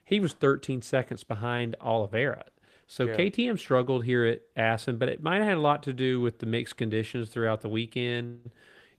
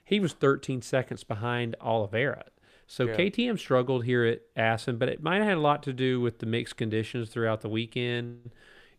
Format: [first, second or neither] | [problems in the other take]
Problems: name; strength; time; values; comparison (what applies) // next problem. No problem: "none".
second | garbled, watery; slightly; nothing above 14.5 kHz